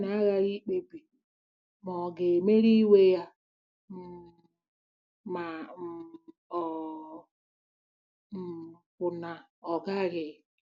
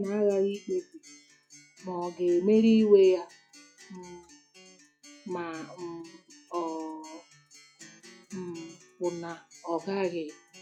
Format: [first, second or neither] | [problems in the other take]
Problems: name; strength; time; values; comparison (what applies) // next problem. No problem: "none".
first | noise reduction (classical method log-MMSE)